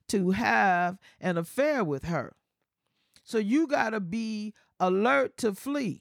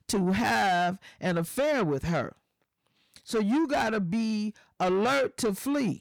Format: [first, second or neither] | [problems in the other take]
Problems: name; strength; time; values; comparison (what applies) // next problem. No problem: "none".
first | distortion; heavy; 8 dB below the speech